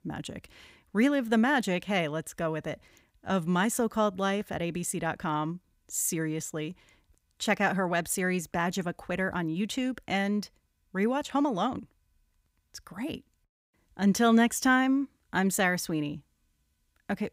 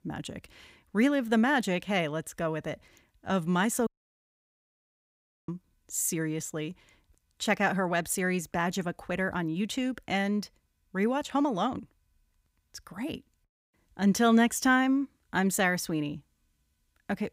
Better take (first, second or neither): first